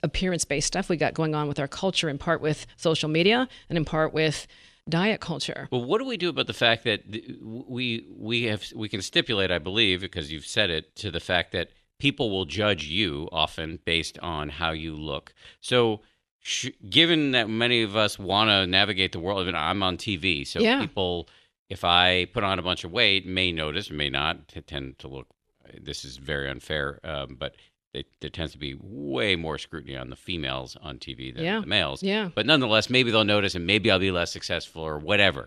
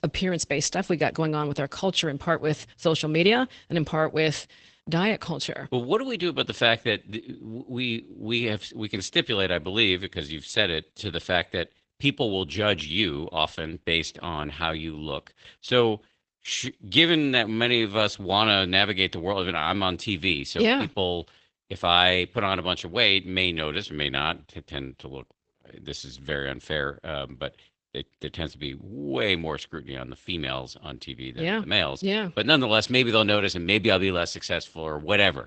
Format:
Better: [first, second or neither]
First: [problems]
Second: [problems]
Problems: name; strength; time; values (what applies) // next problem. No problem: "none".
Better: first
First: none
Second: garbled, watery; badly; nothing above 8 kHz